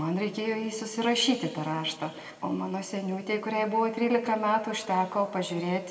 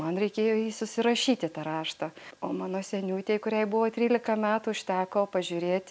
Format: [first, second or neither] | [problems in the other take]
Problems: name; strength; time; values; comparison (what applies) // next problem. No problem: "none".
second | room echo; dies away in 1.5 s